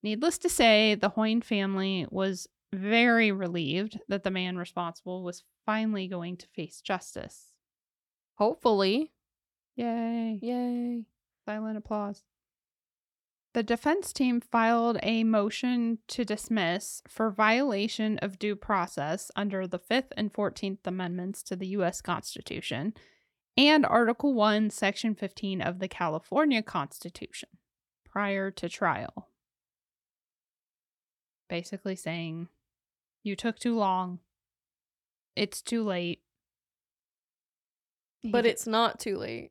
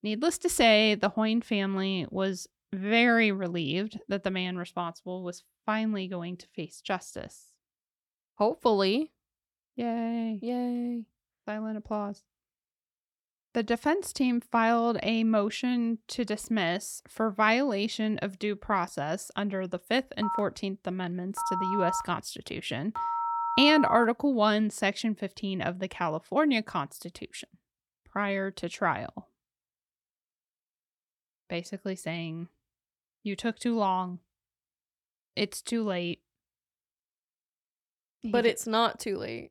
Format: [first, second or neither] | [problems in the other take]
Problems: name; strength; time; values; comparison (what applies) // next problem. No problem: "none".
first | phone ringing; noticeable; from 20 to 24 s; peak 1 dB below the speech